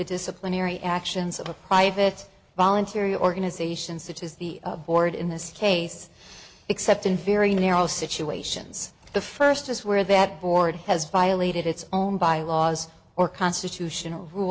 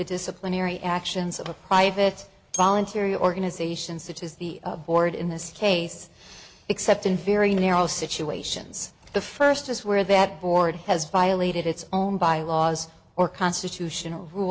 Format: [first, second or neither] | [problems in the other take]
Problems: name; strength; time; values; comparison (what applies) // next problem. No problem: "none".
first | background sound (Bell); 15 dB below the speech